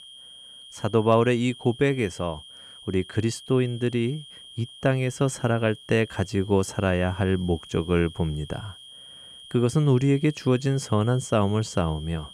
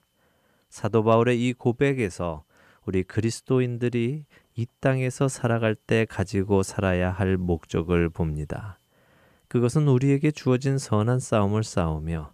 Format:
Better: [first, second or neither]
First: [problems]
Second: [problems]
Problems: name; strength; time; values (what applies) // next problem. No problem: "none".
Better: second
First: high-pitched whine; noticeable; throughout; 3.5 kHz, 20 dB below the speech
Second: none